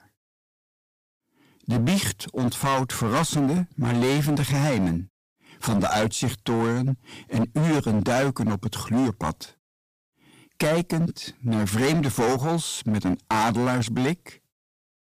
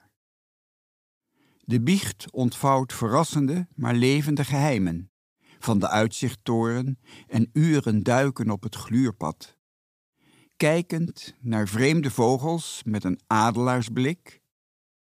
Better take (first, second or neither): second